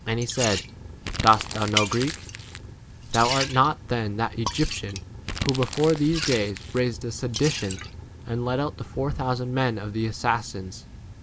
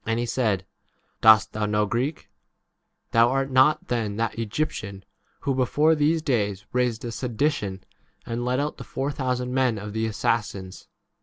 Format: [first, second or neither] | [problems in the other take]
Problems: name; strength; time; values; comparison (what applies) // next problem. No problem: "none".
second | background sound (Crumpling, crinkling + Liquid); 8 dB below the speech